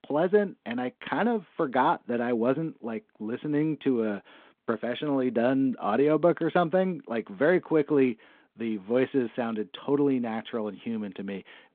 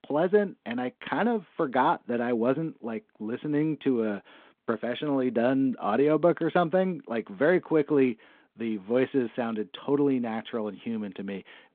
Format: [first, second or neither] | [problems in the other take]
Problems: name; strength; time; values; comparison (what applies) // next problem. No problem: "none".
neither | phone-call audio; the same in both